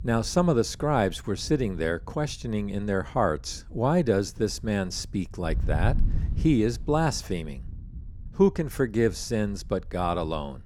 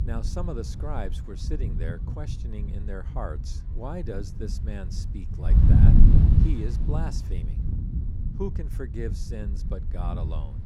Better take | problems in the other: first | wind noise on the microphone; heavy; as loud as the speech; occasional gusts in the first

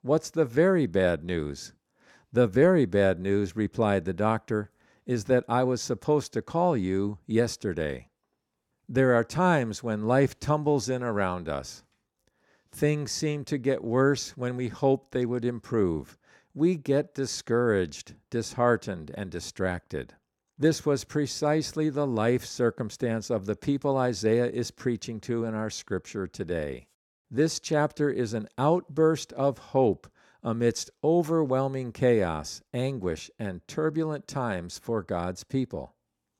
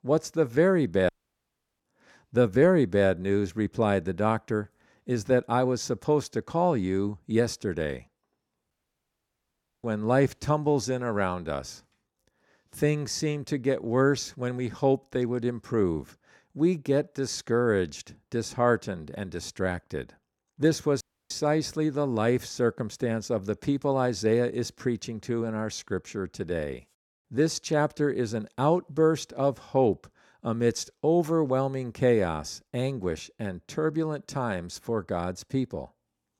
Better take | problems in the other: first | audio cutting out; at 1 s for 0.5 s, at 8.5 s for 1 s and at 21 s

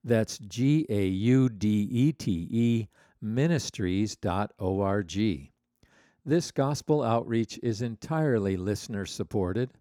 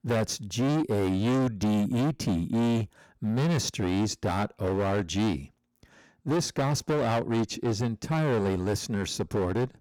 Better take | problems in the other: first | distortion; heavy; 22% of the sound clipped

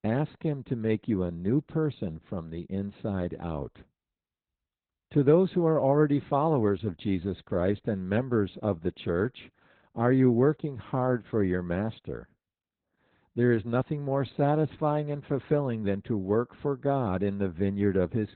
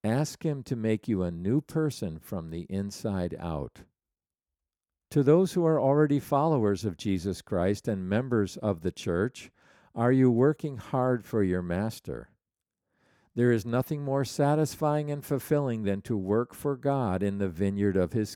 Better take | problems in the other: second | garbled, watery; badly; nothing above 4 kHz

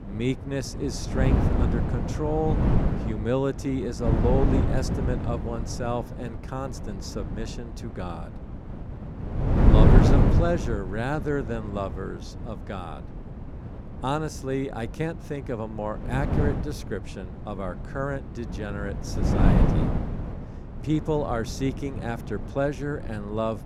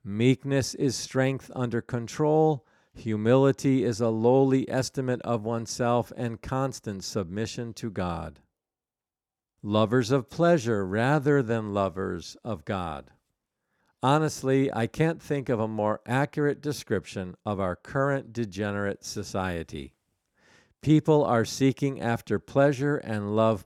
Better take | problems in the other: second | wind noise on the microphone; heavy; 2 dB below the speech

